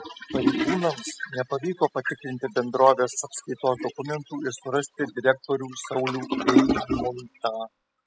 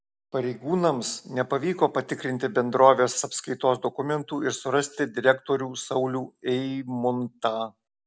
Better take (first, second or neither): second